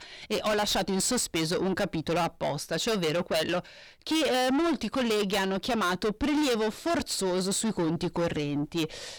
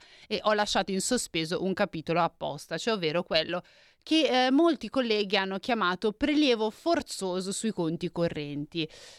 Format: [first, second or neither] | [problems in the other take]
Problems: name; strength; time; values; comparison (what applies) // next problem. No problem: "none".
second | distortion; heavy; 6 dB below the speech